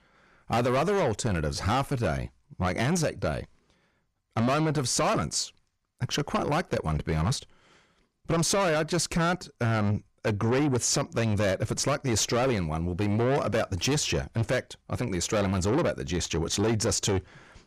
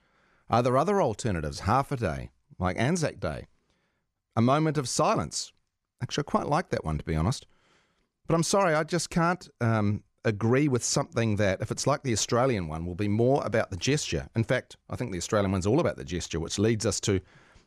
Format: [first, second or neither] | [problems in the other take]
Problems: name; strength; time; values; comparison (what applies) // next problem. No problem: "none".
second | distortion; heavy; 7 dB below the speech